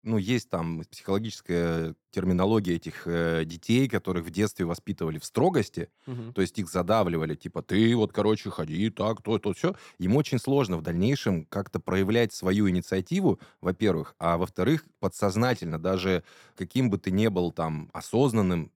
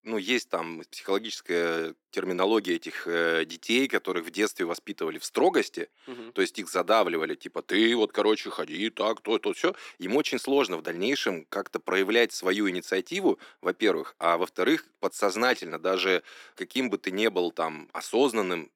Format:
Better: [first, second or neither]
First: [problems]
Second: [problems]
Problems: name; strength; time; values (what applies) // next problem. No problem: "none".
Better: first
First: none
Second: thin; somewhat; fading below 300 Hz